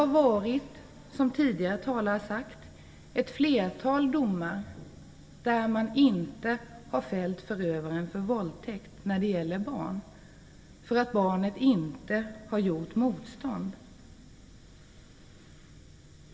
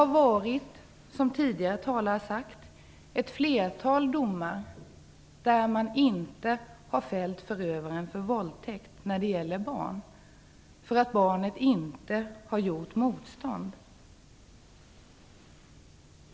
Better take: second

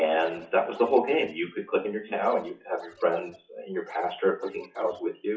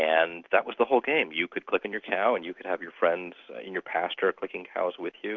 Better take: second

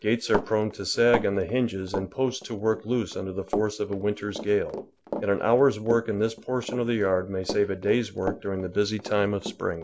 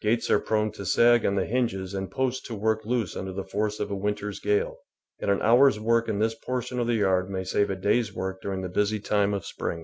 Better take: second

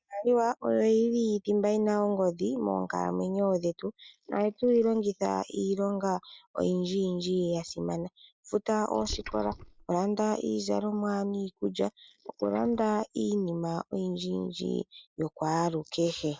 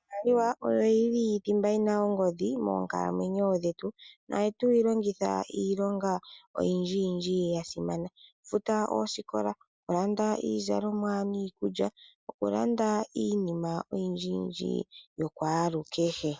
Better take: second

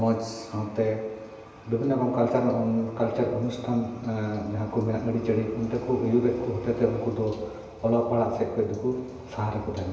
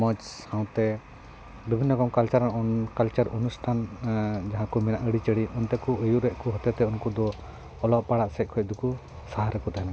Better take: second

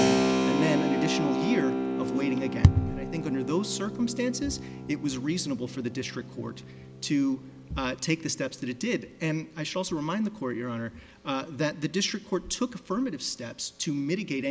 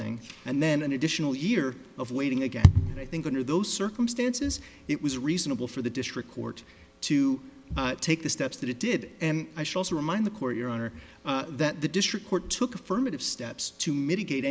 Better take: second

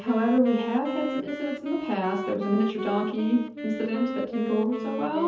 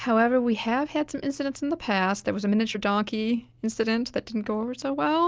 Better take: second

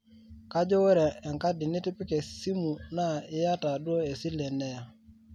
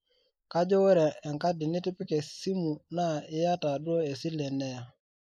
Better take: first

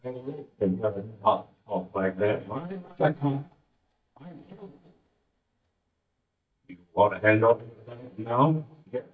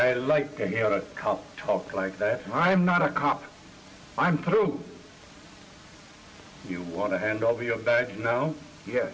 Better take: second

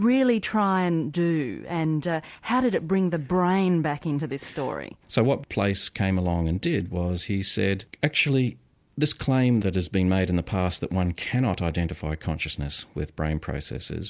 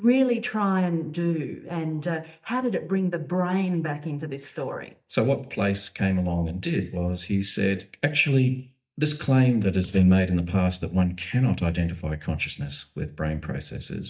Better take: first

